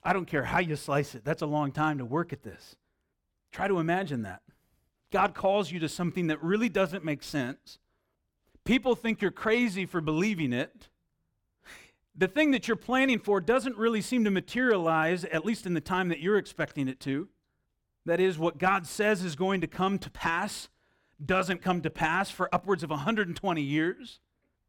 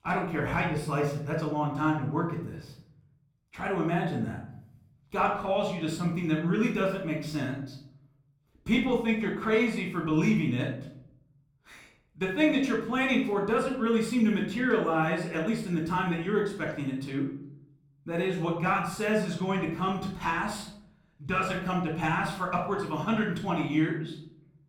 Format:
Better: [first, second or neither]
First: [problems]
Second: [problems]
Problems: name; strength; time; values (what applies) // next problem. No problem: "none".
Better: first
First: none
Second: off-mic speech; somewhat distant // room echo; noticeable; dies away in 0.7 s